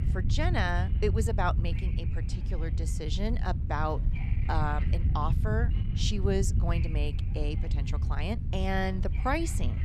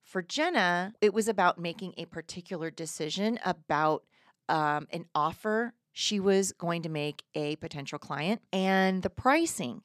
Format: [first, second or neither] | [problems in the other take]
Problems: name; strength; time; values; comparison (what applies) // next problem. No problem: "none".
second | wind noise on the microphone; occasional gusts; 10 dB below the speech